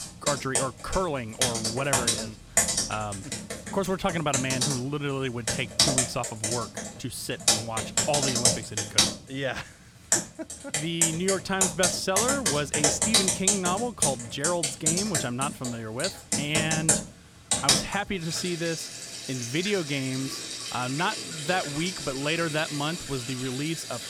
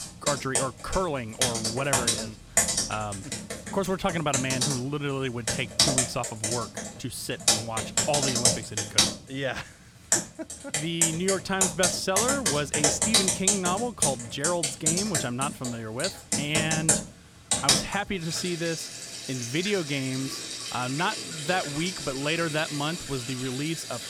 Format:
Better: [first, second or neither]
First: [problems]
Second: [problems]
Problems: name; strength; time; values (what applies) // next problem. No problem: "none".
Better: neither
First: household noises; very loud; throughout; 4 dB above the speech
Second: household noises; very loud; throughout; 4 dB above the speech